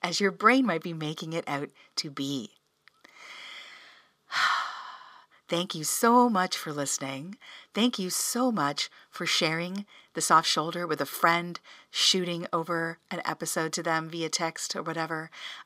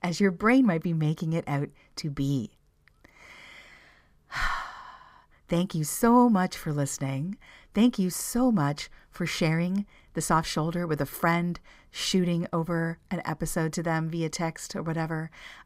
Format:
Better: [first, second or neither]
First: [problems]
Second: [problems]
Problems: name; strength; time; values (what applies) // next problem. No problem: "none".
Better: second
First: thin; somewhat; fading below 300 Hz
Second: none